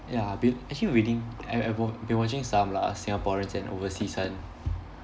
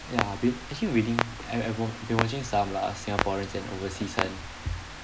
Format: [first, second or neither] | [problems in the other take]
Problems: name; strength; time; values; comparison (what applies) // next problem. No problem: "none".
first | background sound (Clock); 5 dB below the speech